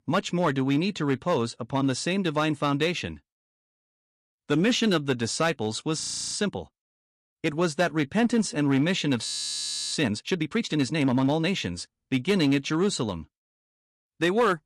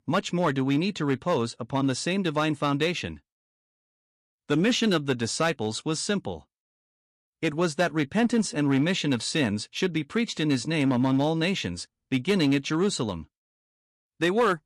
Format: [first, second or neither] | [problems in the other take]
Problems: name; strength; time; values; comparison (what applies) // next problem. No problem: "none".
second | audio freezing; at 6 s and at 9.5 s for 0.5 s